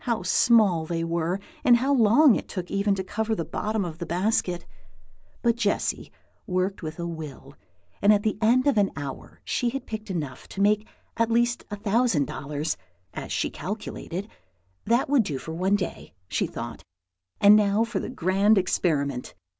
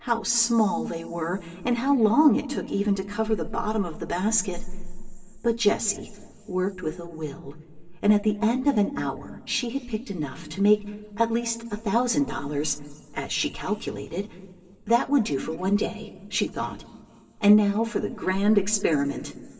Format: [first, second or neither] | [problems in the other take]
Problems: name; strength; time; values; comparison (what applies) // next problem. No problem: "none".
first | room echo; dies away in 2.9 s